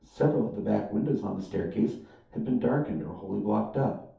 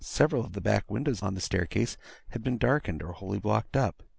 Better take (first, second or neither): second